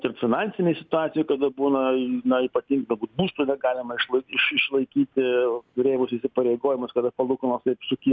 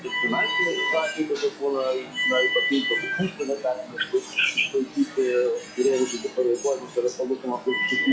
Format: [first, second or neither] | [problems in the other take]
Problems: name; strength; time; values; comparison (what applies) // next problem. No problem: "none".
first | noise reduction (classical method log-MMSE)